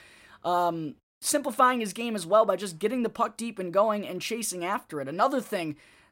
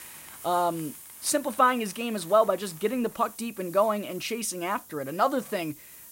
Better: first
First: none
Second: hiss; noticeable; throughout; 15 dB below the speech

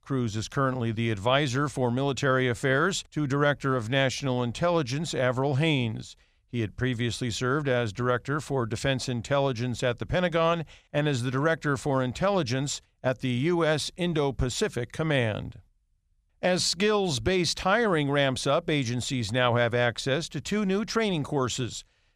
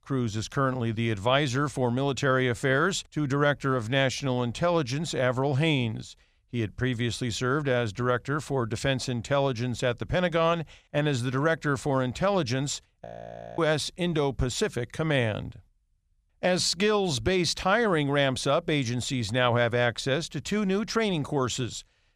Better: first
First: none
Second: audio freezing; at 13 s for 0.5 s

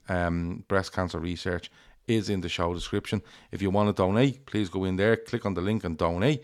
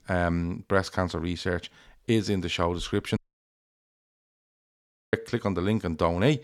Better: first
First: none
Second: audio cutting out; at 3 s for 2 s

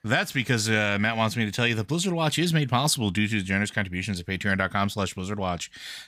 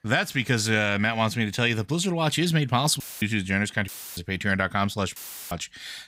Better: first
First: none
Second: audio cutting out; filled with static; at 3 s, at 4 s and at 5 s

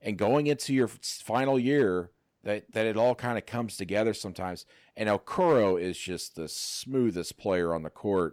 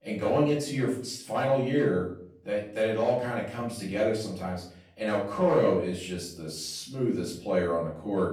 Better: first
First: none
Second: off-mic speech; far // room echo; noticeable; dies away in 0.5 s

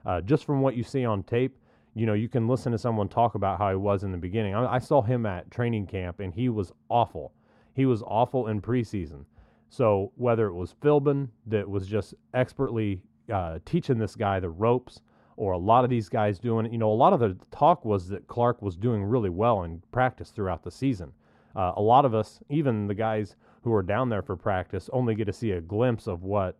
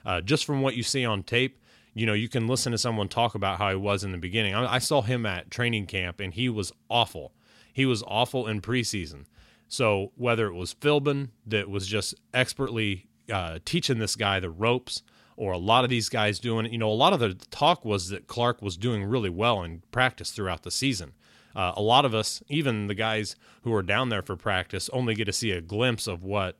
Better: second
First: muffled; very; fading above 2 kHz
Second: none

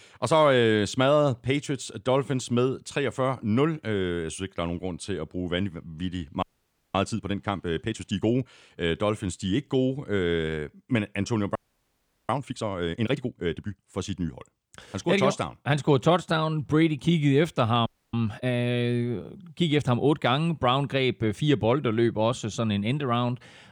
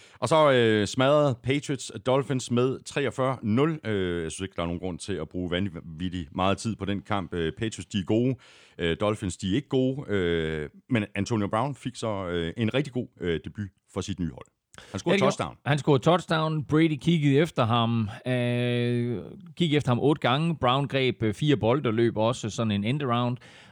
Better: second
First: audio freezing; at 6.5 s for 0.5 s, at 12 s for 0.5 s and at 18 s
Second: none

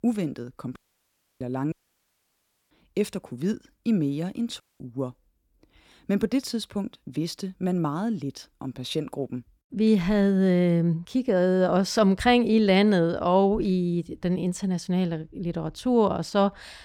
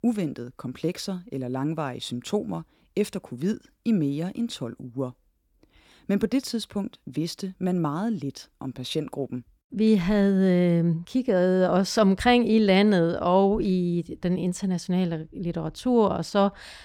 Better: second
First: audio cutting out; at 1 s for 0.5 s, at 1.5 s for 1 s and at 4.5 s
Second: none

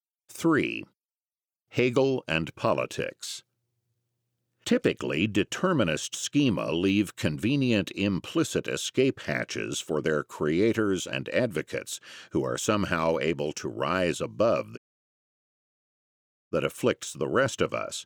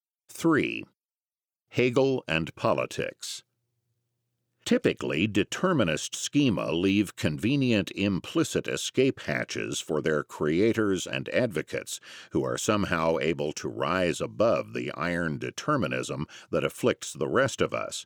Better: second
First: audio cutting out; at 15 s for 1.5 s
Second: none

